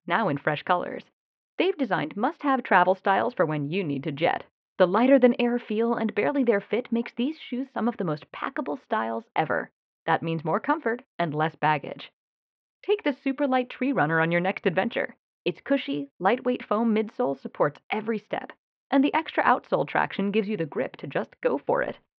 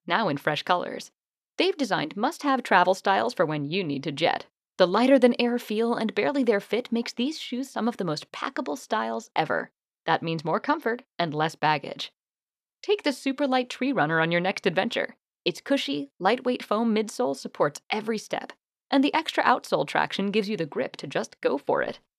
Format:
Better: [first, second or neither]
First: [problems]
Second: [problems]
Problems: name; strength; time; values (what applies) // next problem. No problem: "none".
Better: second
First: muffled; very; fading above 2.5 kHz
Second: none